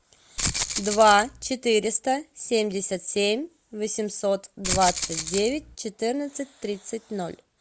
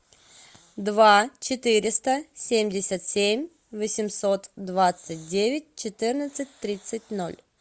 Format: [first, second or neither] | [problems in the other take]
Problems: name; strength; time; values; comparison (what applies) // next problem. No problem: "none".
second | background sound (Rattle (instrument)); 3 dB below the speech